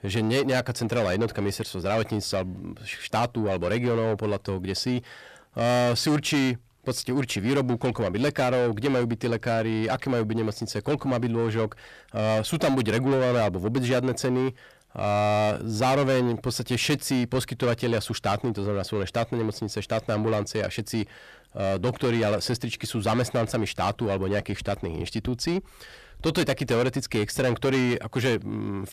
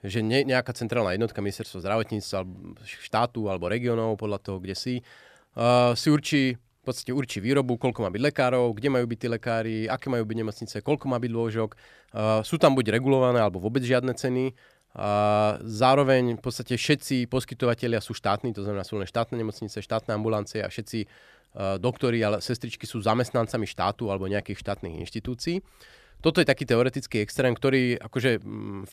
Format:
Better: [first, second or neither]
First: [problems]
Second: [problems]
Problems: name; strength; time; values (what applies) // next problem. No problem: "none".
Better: second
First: distortion; heavy; 8 dB below the speech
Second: none